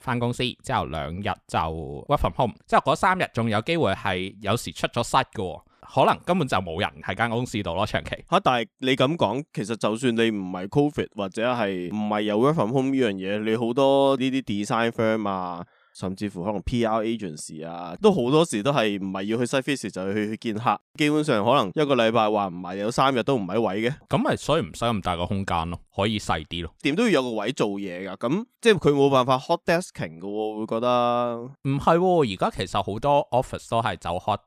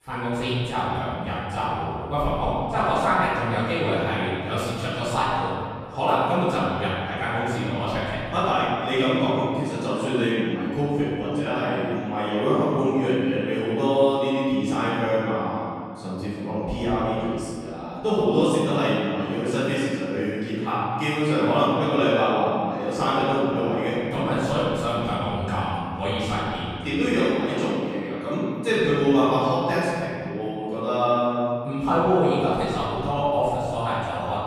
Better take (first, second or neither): first